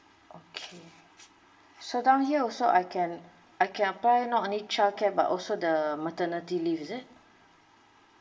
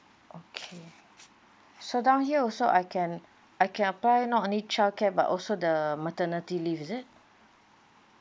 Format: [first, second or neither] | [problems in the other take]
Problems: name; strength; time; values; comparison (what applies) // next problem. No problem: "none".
second | room echo; dies away in 0.7 s